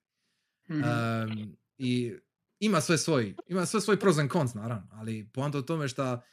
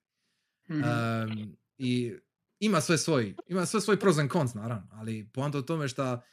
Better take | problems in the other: neither | none

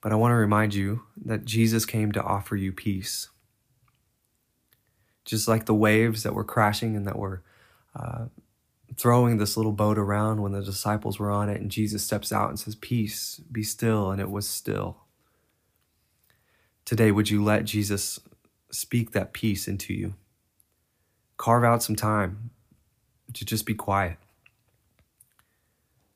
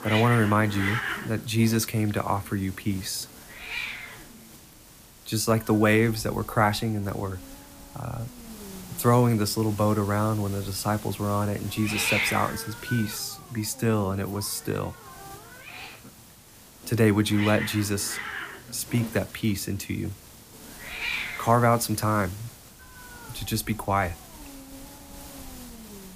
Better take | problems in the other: first | hiss; noticeable; throughout; 10 dB below the speech

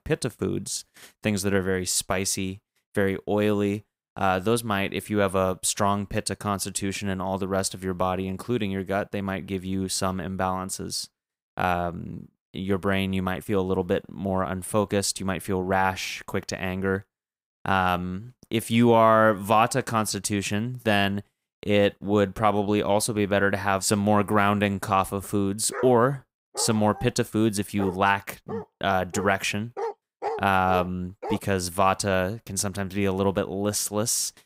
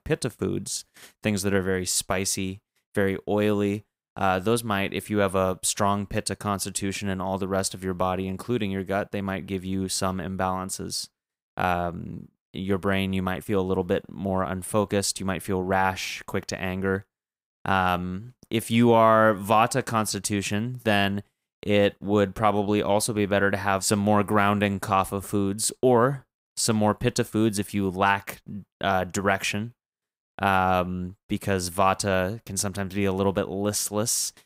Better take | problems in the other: second | dog barking; noticeable; from 26 to 31 s; peak 7 dB below the speech

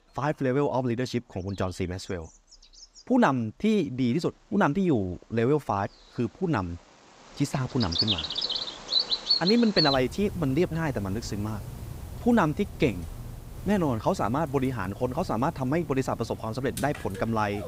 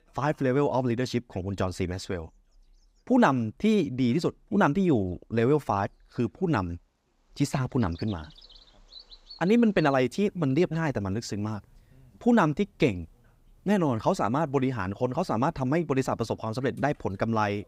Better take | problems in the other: second | animal sounds; loud; throughout; 4 dB below the speech; faint in the second

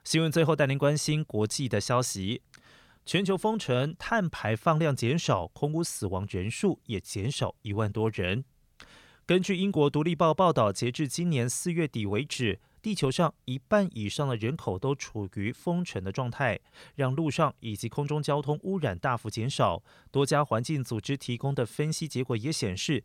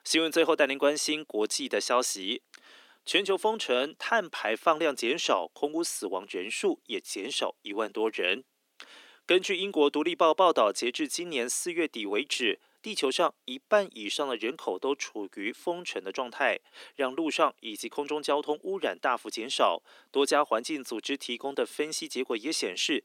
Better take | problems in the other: first | thin; somewhat; fading below 250 Hz

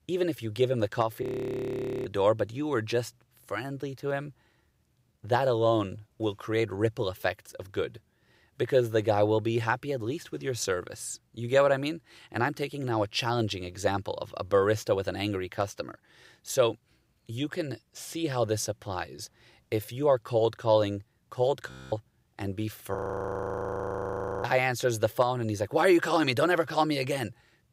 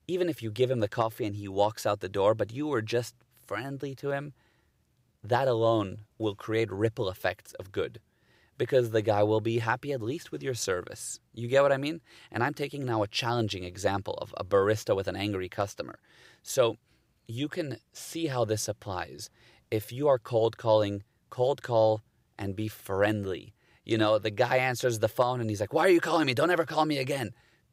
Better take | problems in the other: second | audio freezing; at 1 s for 1 s, at 22 s and at 23 s for 1.5 s

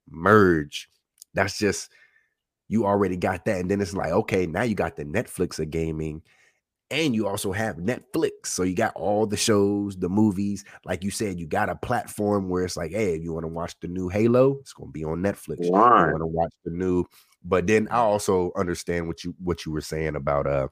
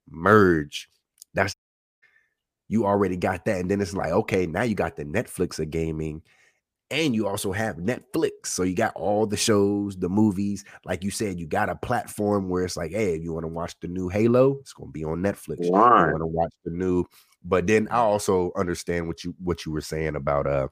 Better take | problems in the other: first | audio cutting out; at 1.5 s

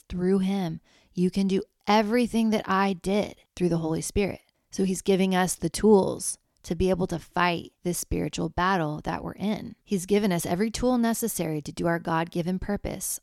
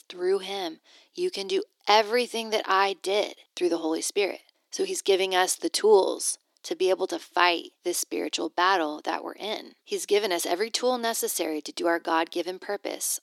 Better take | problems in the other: first | thin; very; fading below 300 Hz

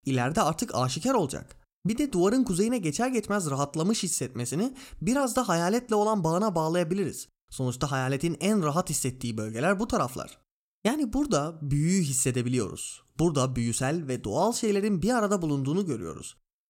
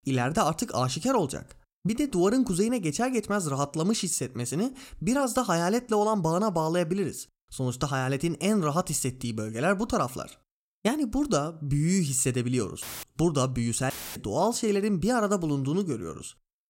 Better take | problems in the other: first | audio cutting out; filled with static; at 13 s and at 14 s

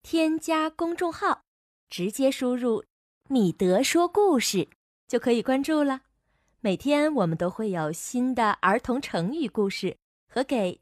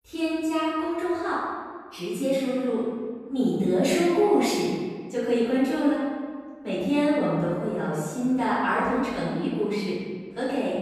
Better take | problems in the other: first | room echo; strong; dies away in 1.5 s // off-mic speech; far

